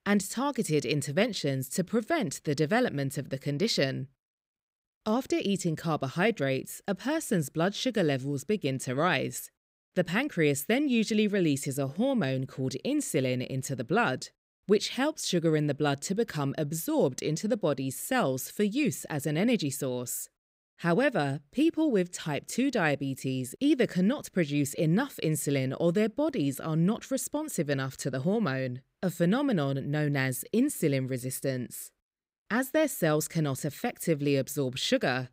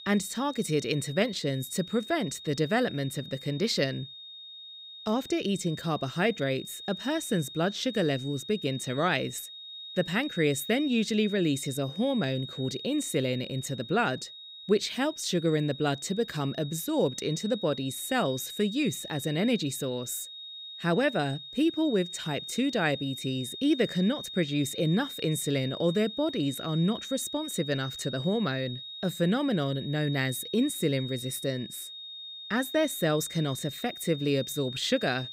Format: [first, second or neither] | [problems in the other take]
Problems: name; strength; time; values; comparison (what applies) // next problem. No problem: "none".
first | high-pitched whine; noticeable; throughout; 3.5 kHz, 10 dB below the speech